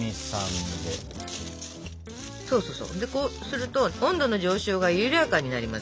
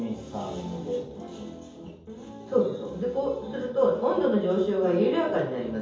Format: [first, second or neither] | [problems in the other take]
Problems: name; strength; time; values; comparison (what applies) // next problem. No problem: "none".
first | room echo; dies away in 0.7 s